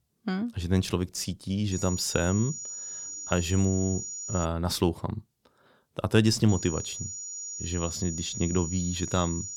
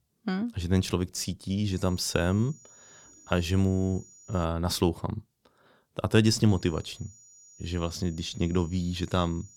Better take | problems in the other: second | high-pitched whine; loud; from 1.5 to 4.5 s and from 6.5 s on; 7 kHz, 7 dB below the speech; faint in the second

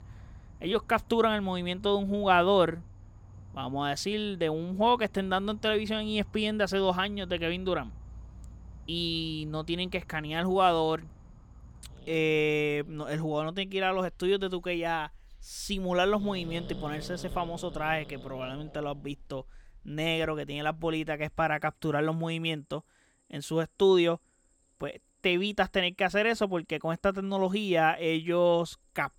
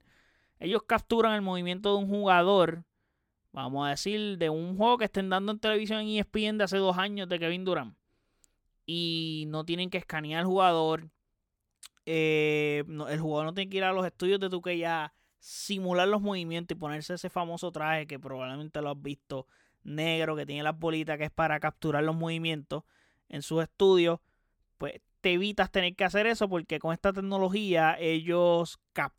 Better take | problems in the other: second | animal sounds; faint; throughout; 20 dB below the speech

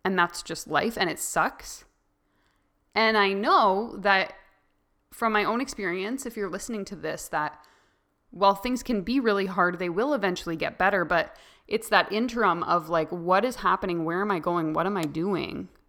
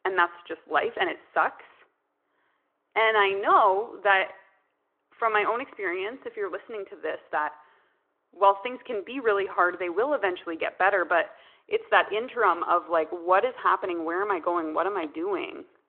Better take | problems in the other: first | phone-call audio

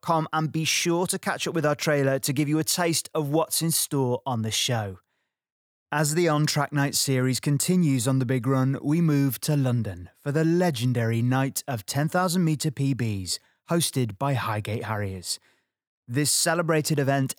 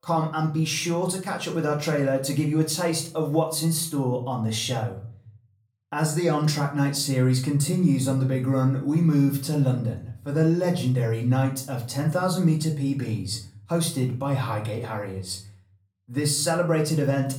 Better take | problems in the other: first | off-mic speech; far // room echo; slight; dies away in 0.4 s

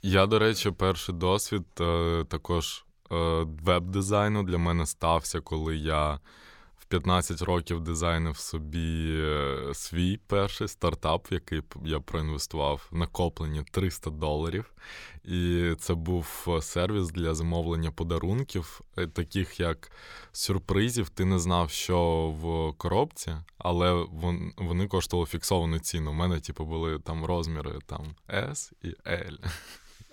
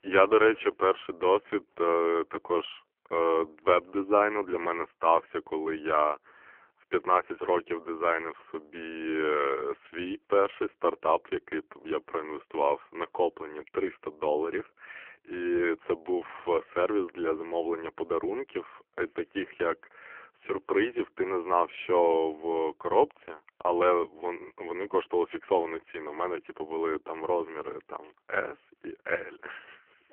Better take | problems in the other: first | phone-call audio; poor line; nothing above 3 kHz

